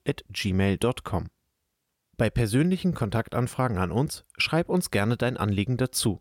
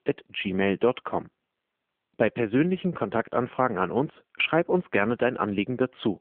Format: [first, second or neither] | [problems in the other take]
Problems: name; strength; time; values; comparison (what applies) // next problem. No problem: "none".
first | phone-call audio